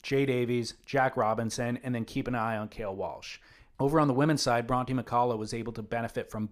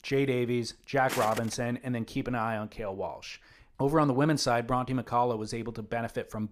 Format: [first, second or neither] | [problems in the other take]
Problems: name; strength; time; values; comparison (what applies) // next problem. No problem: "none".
first | footsteps; noticeable; at 1 s; peak 6 dB below the speech